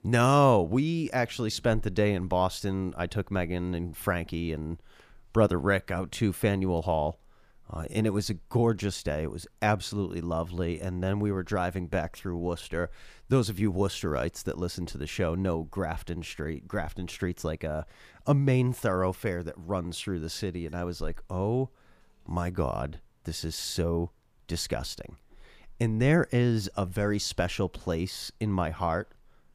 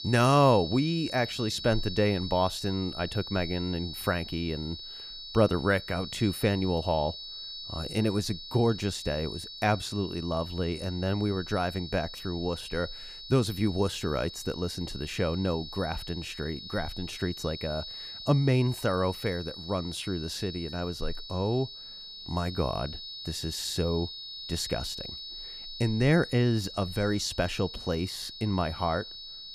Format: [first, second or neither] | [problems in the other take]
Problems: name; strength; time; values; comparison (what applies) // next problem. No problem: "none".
first | high-pitched whine; loud; throughout; 4 kHz, 9 dB below the speech